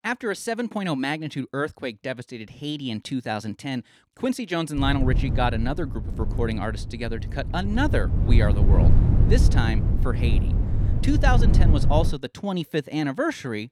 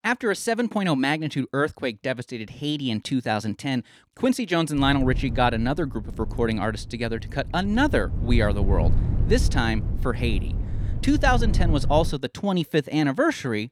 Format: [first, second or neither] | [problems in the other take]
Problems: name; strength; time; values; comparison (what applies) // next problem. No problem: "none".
second | wind noise on the microphone; heavy; from 5 to 12 s; 7 dB below the speech; occasional gusts in the second